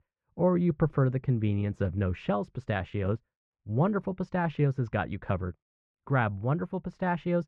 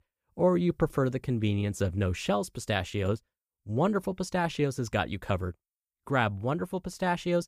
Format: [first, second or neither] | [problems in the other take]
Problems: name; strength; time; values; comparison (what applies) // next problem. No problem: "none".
second | muffled; very; fading above 2 kHz